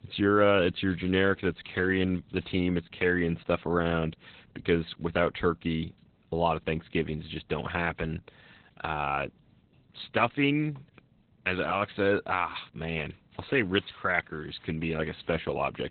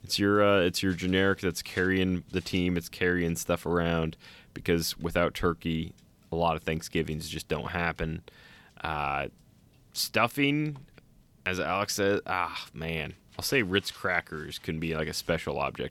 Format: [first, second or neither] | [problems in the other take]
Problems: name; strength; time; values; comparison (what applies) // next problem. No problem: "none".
second | garbled, watery; badly; nothing above 4 kHz